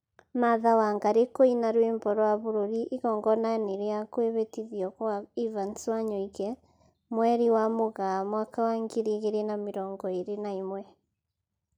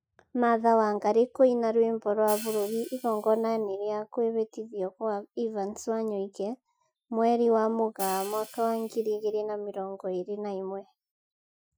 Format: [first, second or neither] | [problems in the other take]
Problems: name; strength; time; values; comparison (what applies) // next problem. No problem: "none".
first | noise reduction (classical method Wiener filter)